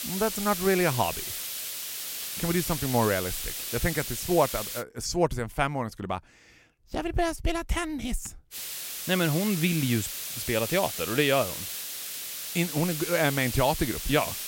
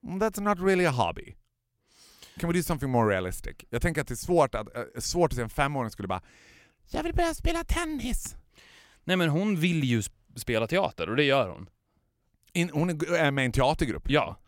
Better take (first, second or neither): second